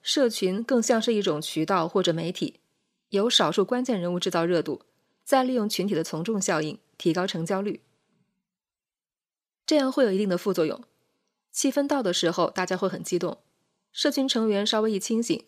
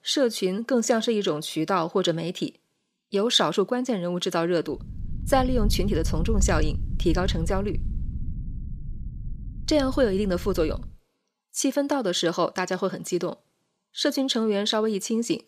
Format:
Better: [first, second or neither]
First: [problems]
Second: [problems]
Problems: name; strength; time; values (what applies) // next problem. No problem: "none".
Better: first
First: none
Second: low rumble; faint; from 5 to 11 s; 20 dB below the speech